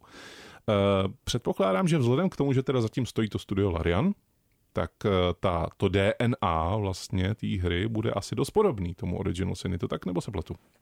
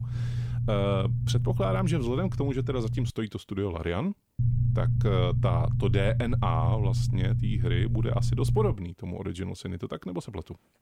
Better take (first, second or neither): first